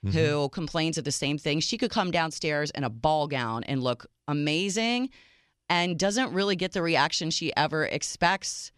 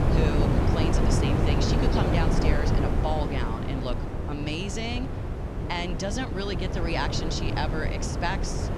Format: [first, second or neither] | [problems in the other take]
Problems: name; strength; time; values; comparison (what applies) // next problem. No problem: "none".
first | wind noise on the microphone; heavy; as loud as the speech